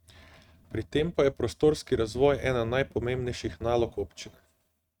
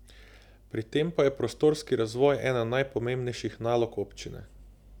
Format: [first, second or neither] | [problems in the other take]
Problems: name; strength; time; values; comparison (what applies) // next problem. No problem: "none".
second | noise reduction (neural mask model RNNoise)